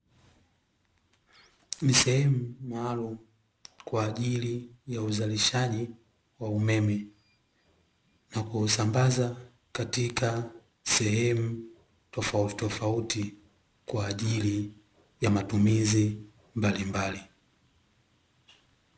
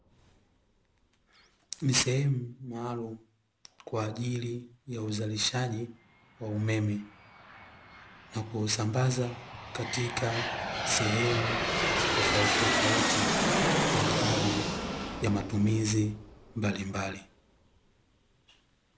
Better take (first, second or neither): first